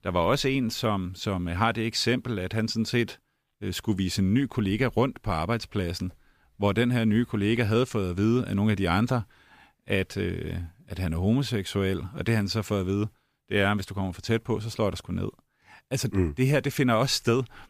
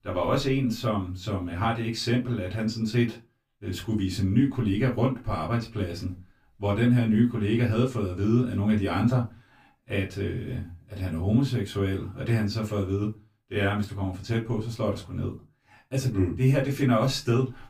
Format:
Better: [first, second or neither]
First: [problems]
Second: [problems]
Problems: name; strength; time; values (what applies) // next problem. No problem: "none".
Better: first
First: none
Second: off-mic speech; far // room echo; very slight; dies away in 0.2 s